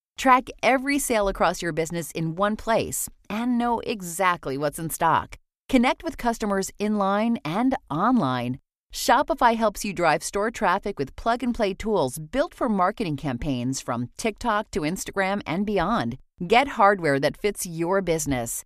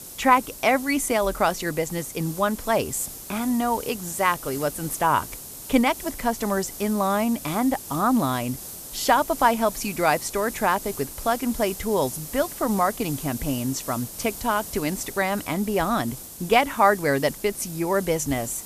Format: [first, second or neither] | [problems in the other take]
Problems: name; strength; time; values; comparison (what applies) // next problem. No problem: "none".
first | hiss; noticeable; throughout; 10 dB below the speech